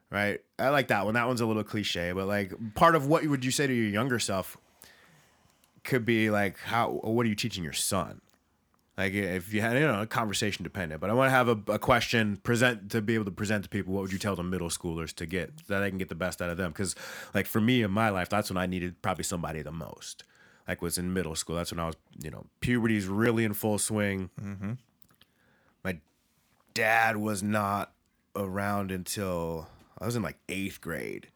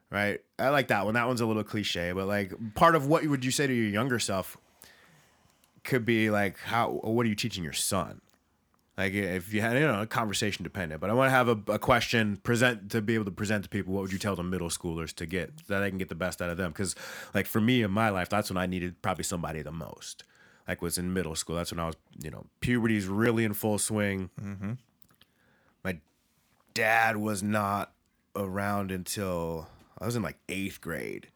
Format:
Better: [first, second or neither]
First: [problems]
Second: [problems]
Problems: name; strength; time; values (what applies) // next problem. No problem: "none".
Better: neither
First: none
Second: none